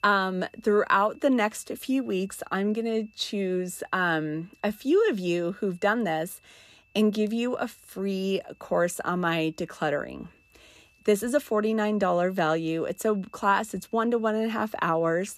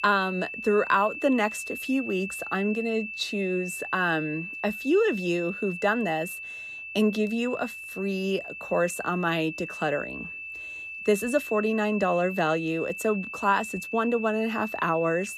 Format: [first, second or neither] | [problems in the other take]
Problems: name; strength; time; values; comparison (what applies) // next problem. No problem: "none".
first | high-pitched whine; loud; throughout; 2.5 kHz, 8 dB below the speech; faint in the first